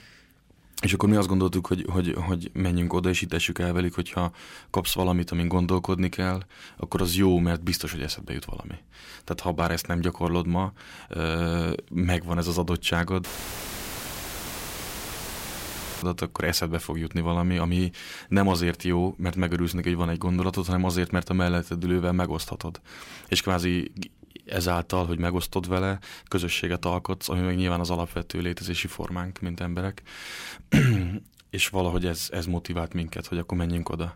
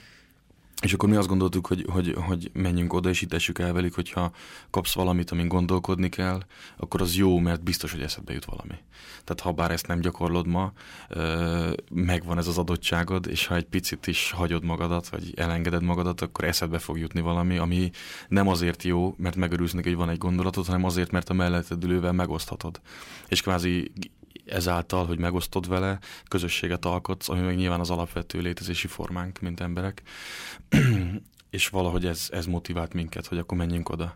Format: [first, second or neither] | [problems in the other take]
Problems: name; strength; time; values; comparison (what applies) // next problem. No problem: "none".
second | audio cutting out; filled with static; at 13 s for 3 s